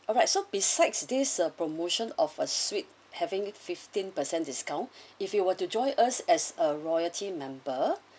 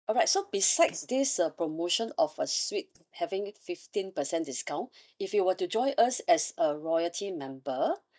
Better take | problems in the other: first | noise reduction (neural mask model DeepFilterNet 3)

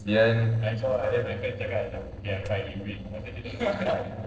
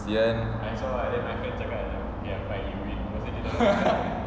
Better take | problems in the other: second | noise reduction (neural separator model SepFormer DNS4)

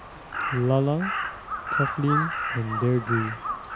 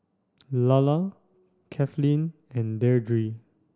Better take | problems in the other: second | background sound (Crow); 3 dB below the speech

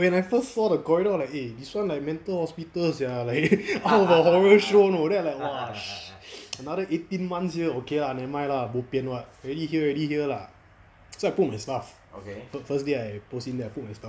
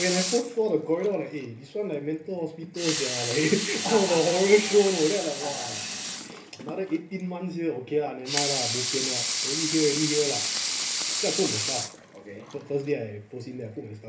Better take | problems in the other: first | background sound (Sink (filling or washing) / Water tap, faucet / Liquid); 4 dB below the speech // room echo; dies away in 0.3 s

